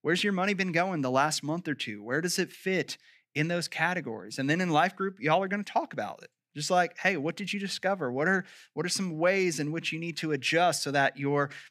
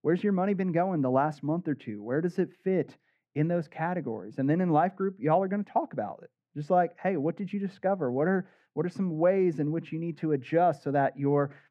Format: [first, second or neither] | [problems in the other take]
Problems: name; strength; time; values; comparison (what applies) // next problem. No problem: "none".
first | muffled; very; fading above 2 kHz